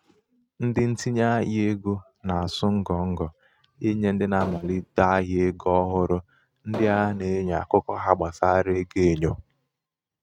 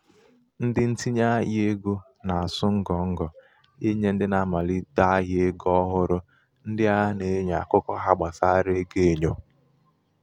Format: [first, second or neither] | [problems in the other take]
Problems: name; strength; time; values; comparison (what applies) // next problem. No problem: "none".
second | noise reduction (neural mask model RNNoise)